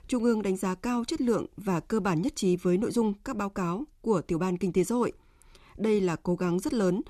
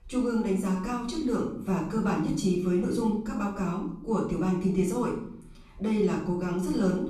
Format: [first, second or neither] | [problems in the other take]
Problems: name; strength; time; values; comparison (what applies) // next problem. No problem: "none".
first | off-mic speech; far // room echo; noticeable; dies away in 0.6 s